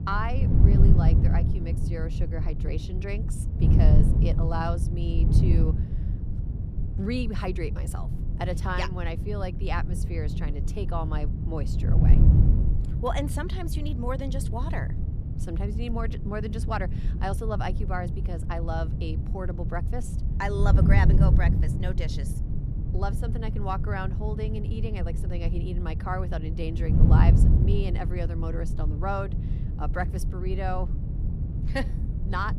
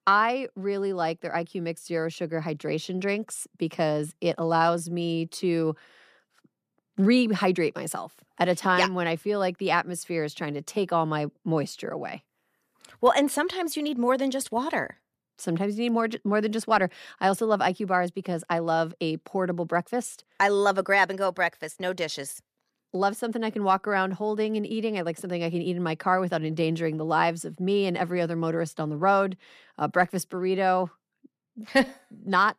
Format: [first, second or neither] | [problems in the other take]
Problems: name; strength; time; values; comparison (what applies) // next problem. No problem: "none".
second | wind noise on the microphone; heavy; 5 dB below the speech